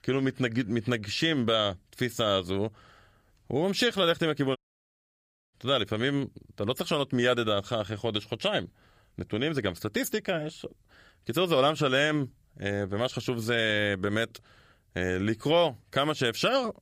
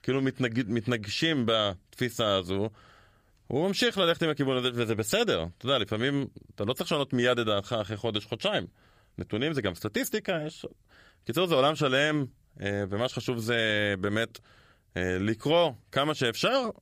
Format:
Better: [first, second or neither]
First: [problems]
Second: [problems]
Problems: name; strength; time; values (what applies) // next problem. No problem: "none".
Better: second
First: audio cutting out; at 4.5 s for 1 s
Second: none